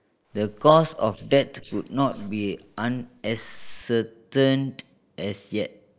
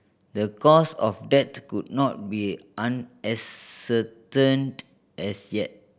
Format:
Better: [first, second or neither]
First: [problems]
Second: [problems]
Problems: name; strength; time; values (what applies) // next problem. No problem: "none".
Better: second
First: noise reduction (neural mask model Resemble Enhance denoiser)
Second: none